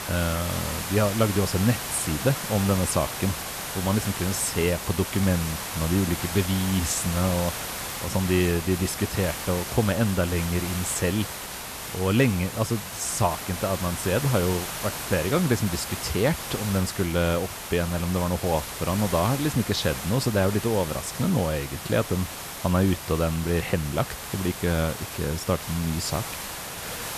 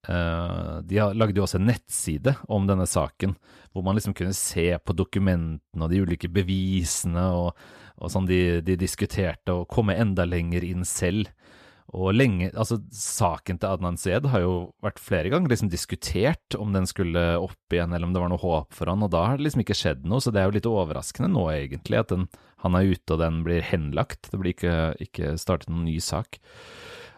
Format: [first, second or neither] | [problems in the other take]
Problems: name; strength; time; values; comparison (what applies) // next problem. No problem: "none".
second | hiss; loud; throughout; 6 dB below the speech